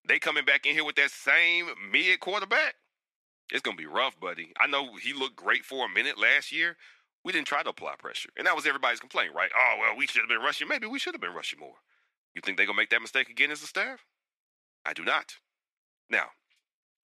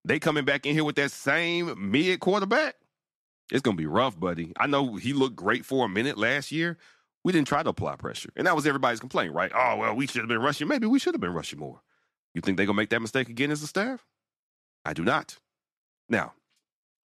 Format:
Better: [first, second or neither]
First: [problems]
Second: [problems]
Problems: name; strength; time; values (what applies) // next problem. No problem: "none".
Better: second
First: thin; very; fading below 500 Hz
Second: none